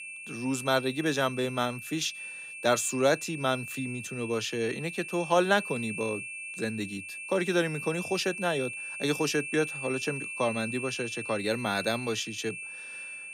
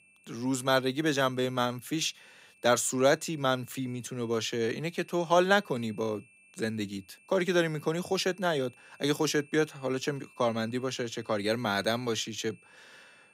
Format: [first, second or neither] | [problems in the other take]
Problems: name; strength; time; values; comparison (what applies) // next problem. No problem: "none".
second | high-pitched whine; loud; throughout; 2.5 kHz, 7 dB below the speech; faint in the second